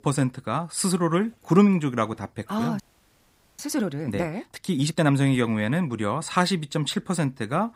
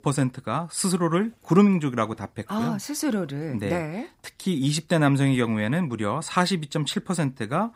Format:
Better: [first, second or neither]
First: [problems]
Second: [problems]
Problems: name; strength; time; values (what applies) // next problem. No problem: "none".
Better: second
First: audio freezing; at 3 s for 1 s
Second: none